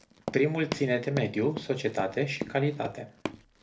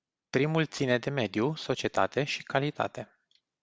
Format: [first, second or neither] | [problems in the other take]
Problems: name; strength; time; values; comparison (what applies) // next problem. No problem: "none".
second | background sound (Run); 11 dB below the speech // room echo; dies away in 0.3 s